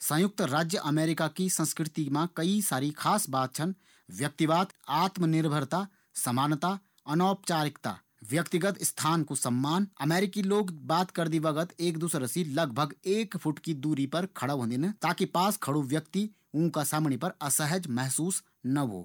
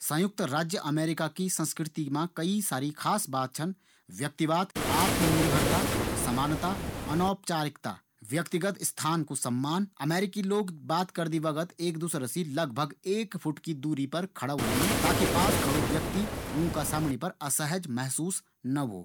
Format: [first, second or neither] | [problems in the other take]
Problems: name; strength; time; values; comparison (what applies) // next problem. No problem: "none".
first | background sound (Waves, surf); 1 dB above the speech